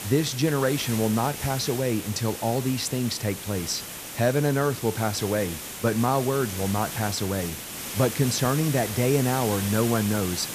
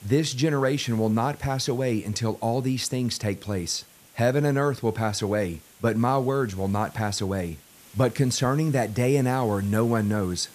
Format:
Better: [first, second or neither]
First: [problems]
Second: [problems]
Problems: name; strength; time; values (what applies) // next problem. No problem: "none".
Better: second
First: hiss; loud; throughout; 7 dB below the speech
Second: hiss; faint; throughout; 25 dB below the speech